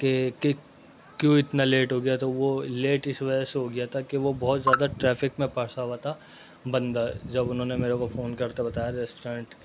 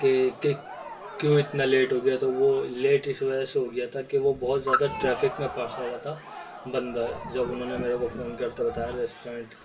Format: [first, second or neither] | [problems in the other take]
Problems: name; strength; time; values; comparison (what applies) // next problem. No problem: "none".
first | background sound (Crowd); 15 dB below the speech // room echo; dies away in 0.2 s